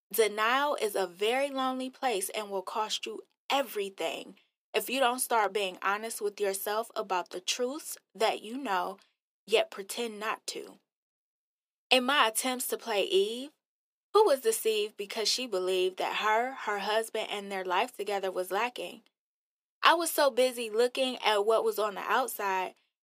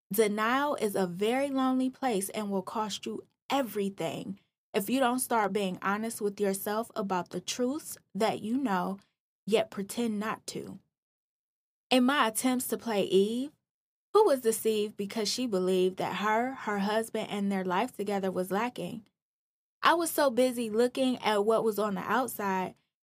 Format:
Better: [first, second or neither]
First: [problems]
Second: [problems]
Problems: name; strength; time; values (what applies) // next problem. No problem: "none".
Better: second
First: thin; somewhat; fading below 350 Hz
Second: none